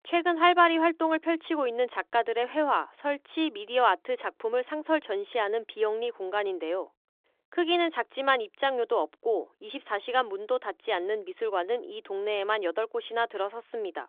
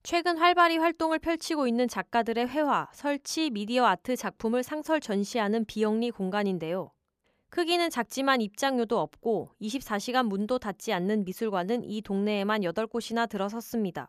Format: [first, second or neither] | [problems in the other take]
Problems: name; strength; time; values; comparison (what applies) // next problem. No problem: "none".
second | phone-call audio